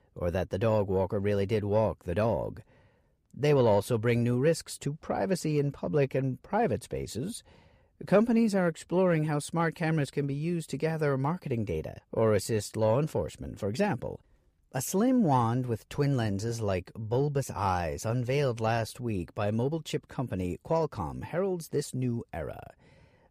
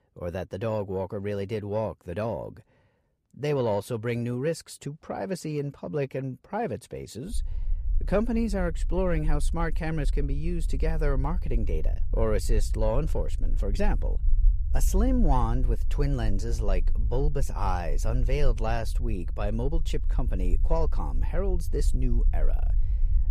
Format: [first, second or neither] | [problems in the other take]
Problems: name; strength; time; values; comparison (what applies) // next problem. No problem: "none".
first | low rumble; faint; from 7.5 s on; 20 dB below the speech